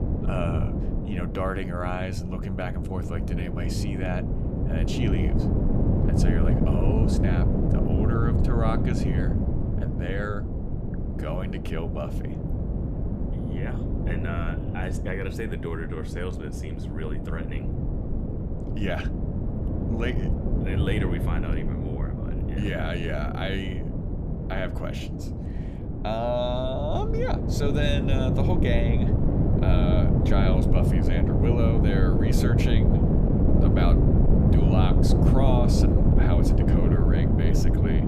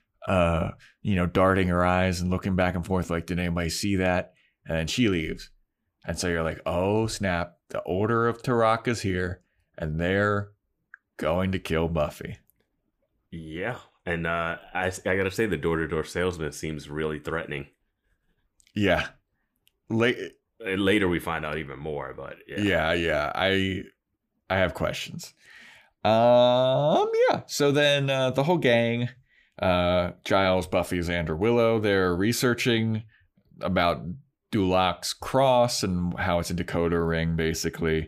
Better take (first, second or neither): second